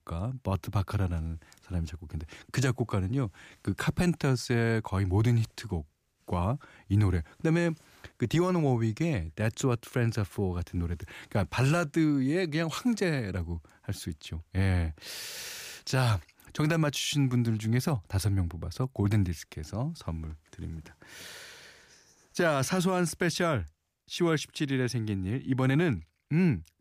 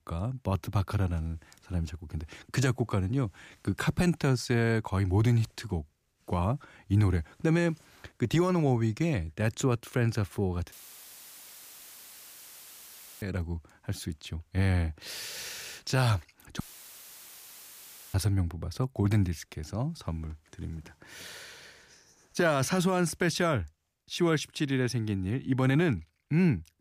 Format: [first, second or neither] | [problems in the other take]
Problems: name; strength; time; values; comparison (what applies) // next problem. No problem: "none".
first | audio cutting out; filled with static; at 11 s for 2.5 s and at 17 s for 1.5 s